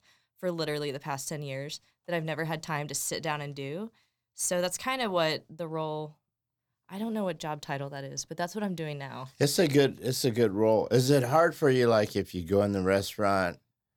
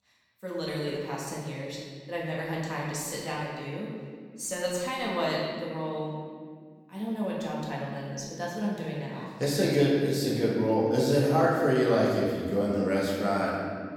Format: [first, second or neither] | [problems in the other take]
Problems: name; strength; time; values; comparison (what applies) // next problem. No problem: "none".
first | room echo; noticeable; dies away in 1.9 s // off-mic speech; far